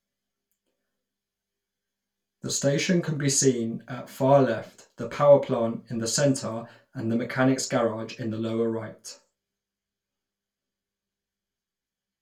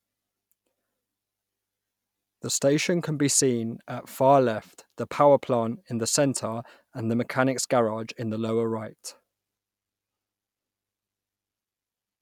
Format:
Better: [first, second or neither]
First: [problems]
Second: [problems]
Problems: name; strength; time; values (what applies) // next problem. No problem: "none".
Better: second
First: room echo; dies away in 0.2 s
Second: none